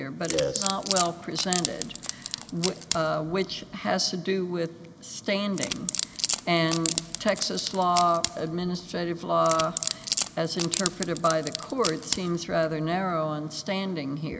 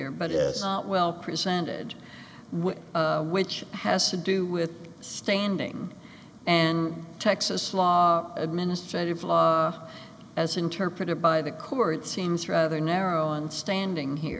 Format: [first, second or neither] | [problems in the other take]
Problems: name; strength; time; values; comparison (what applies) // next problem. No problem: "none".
second | background sound (Wood); 5 dB below the speech